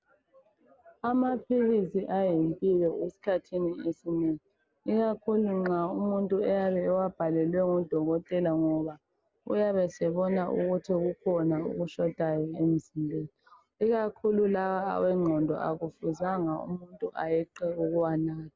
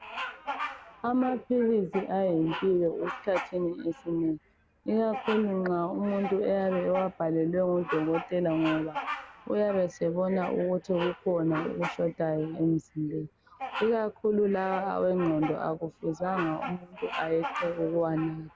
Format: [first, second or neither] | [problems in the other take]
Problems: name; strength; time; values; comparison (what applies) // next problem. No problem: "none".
first | background sound (Bird vocalization, bird call, bird song); 12 dB below the speech